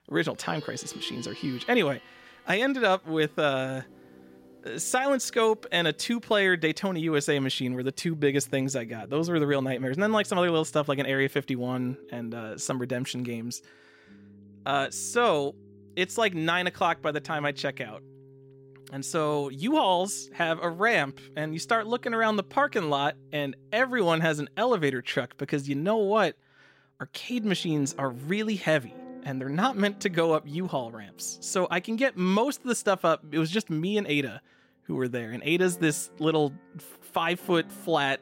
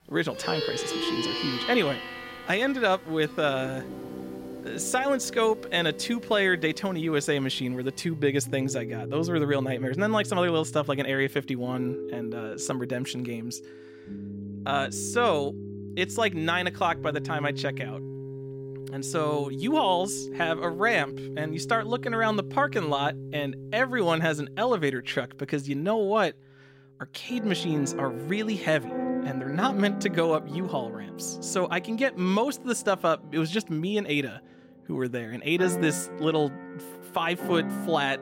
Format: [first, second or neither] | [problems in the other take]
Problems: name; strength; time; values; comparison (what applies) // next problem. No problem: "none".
first | background music; loud; throughout; 9 dB below the speech; faint in the first